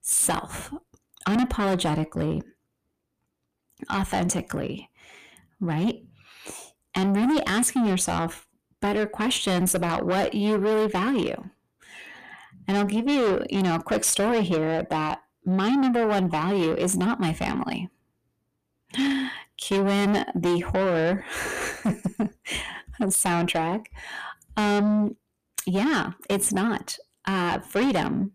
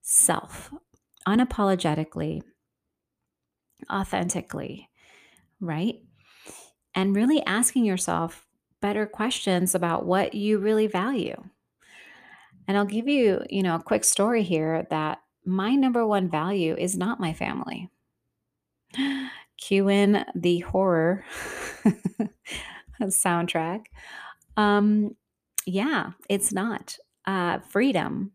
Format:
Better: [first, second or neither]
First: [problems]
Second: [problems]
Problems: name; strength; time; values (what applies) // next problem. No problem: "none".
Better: second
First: distortion; heavy; 7 dB below the speech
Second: none